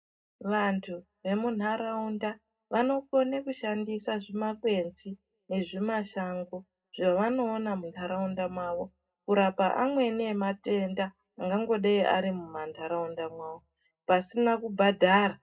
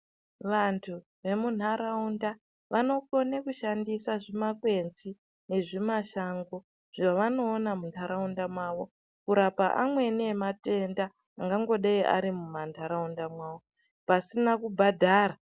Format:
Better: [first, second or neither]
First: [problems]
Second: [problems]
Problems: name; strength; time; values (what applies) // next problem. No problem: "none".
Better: second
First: room echo; dies away in 0.2 s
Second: none